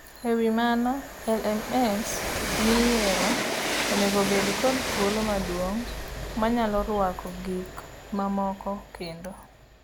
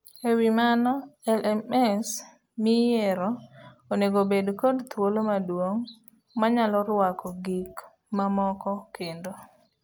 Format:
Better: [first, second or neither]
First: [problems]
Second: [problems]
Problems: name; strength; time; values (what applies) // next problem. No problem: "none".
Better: second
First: background sound (Train); 4 dB below the speech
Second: none